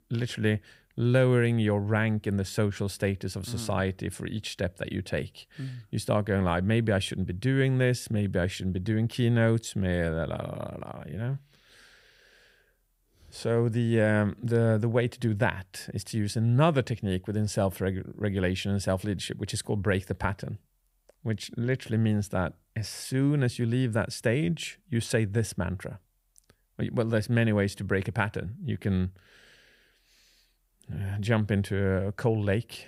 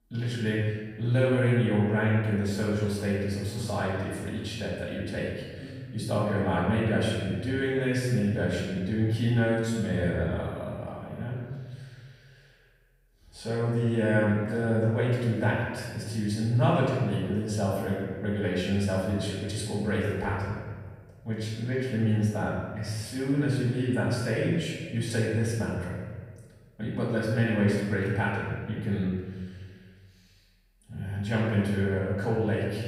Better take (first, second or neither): first